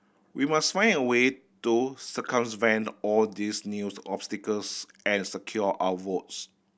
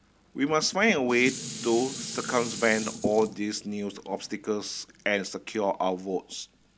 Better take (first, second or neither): first